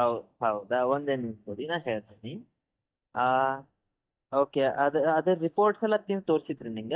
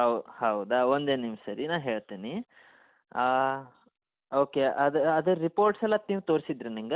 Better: second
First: noise reduction (neural mask model DeepFilterNet 3)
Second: none

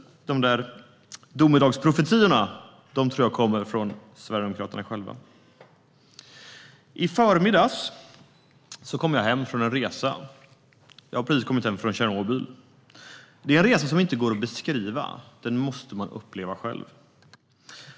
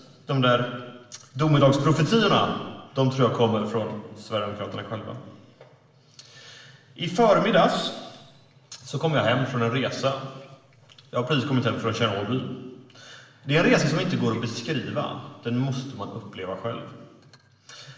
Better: first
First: none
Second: room echo; dies away in 1.2 s

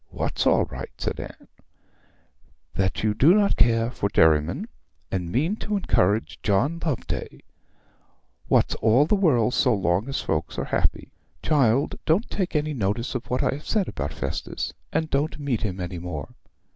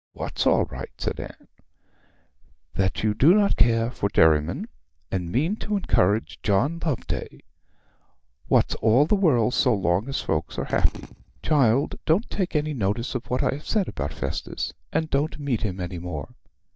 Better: first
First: none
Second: noise reduction (neural mask model DeepFilterNet 3)

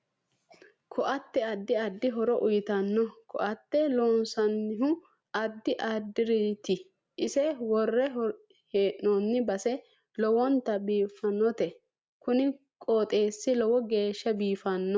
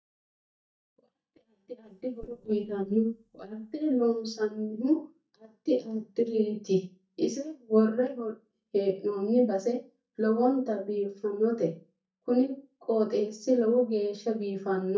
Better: first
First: none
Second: noise reduction (neural mask model DeepFilterNet 3)

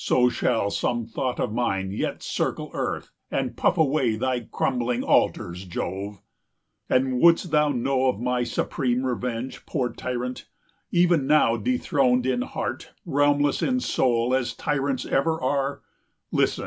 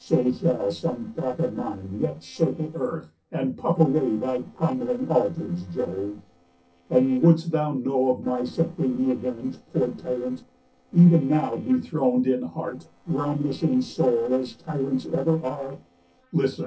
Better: first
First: none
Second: noise reduction (neural separator model SepFormer DNS4)

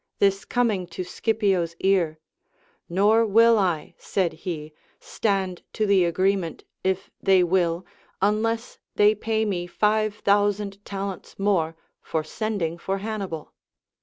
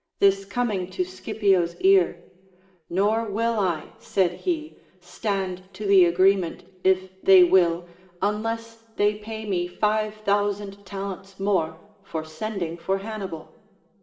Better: first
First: none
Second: room echo; dies away in 1.5 s

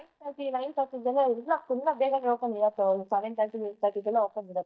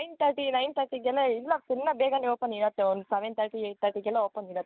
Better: second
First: noise reduction (neural mask model DeepFilterNet 3)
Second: none

